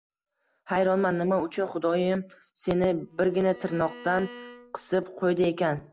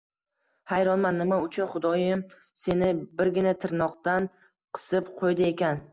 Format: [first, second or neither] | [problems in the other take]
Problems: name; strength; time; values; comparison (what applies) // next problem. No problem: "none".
second | background sound (Bowed string instrument); 19 dB below the speech